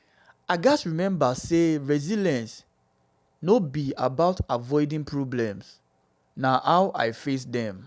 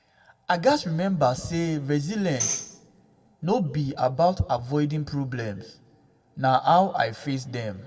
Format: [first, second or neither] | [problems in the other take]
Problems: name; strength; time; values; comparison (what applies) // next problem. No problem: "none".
first | background sound (Tambourine); 8 dB below the speech // room echo; dies away in 1.2 s